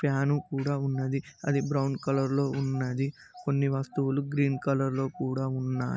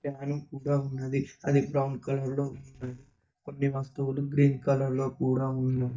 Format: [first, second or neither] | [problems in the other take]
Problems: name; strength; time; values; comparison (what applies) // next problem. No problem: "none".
first | noise reduction (neural mask model DeepFilterNet 3)